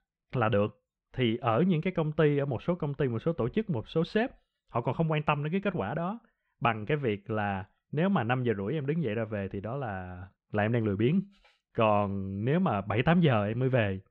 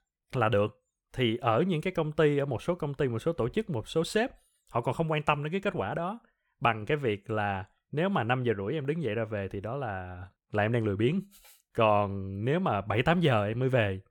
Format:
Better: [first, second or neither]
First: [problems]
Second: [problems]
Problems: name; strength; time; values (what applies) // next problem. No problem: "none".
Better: second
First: muffled; slightly; fading above 3.5 kHz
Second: none